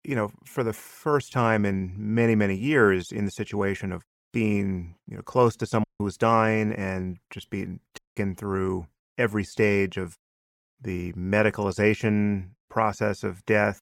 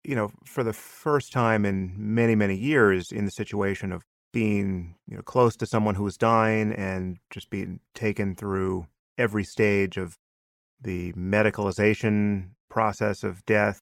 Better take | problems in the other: second | audio cutting out; at 6 s and at 8 s

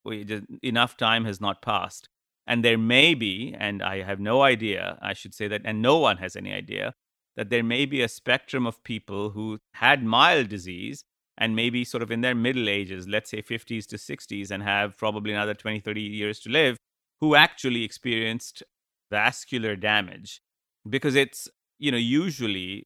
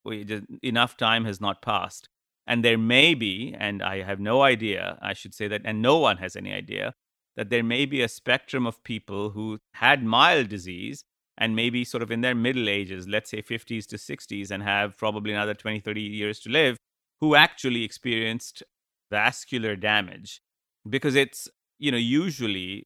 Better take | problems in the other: neither | none

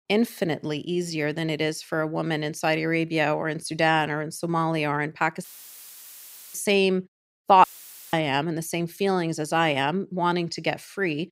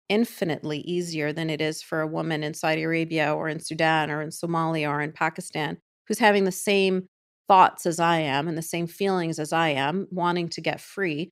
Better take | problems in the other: second | audio cutting out; filled with static; at 5.5 s for 1 s and at 7.5 s

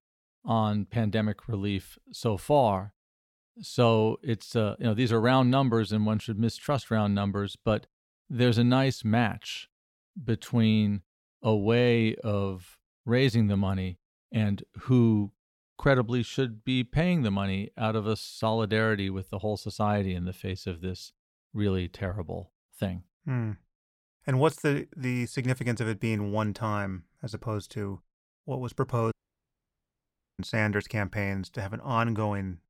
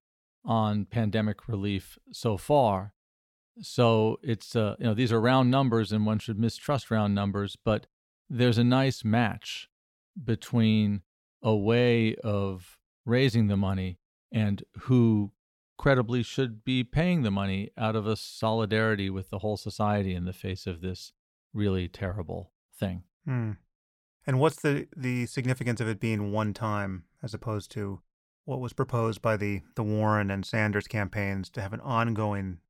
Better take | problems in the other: second | audio cutting out; at 29 s for 1.5 s

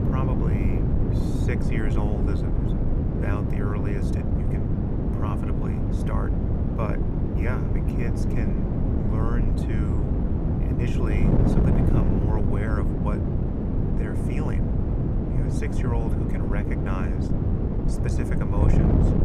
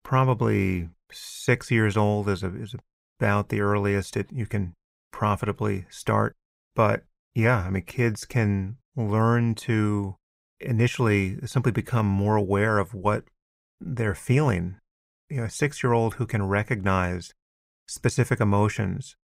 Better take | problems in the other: second | wind noise on the microphone; heavy; 3 dB above the speech

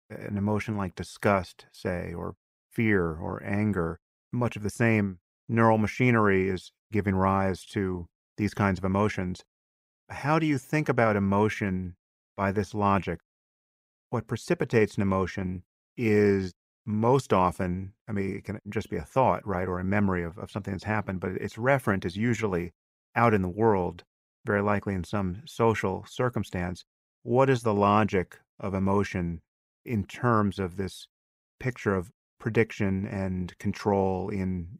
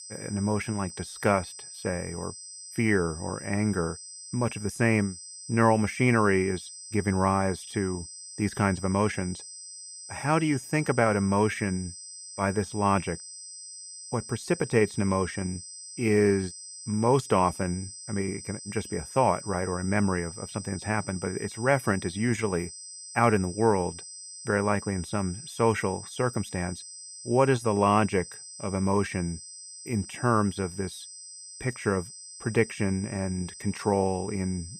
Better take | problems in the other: first | high-pitched whine; noticeable; throughout; 8 kHz, 15 dB below the speech

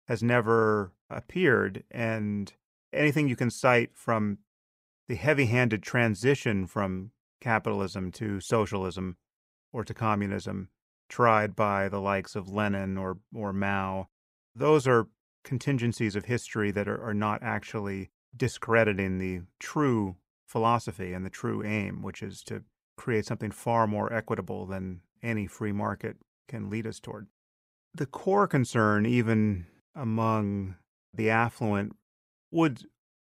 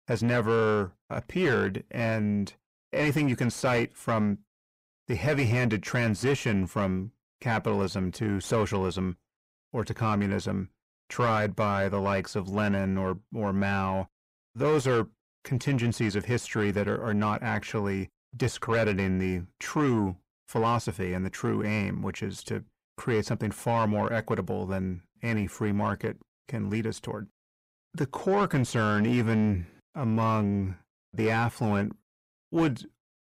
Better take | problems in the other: first | distortion; heavy; 8 dB below the speech

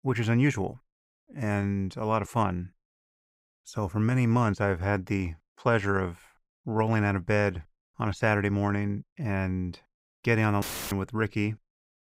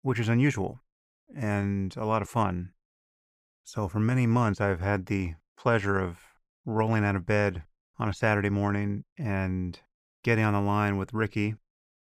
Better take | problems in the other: second | audio cutting out; filled with static; at 11 s

